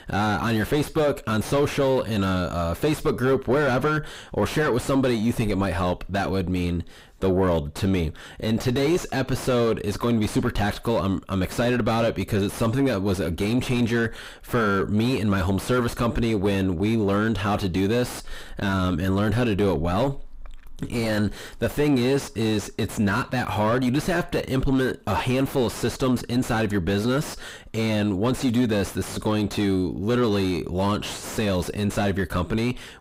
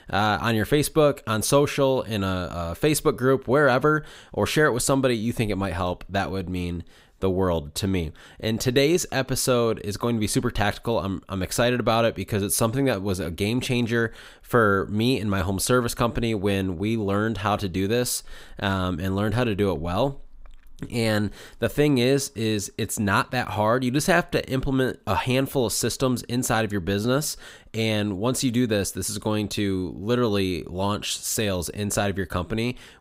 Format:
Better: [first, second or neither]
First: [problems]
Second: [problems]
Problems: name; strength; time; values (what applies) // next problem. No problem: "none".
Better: second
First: distortion; heavy; 4 dB below the speech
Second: none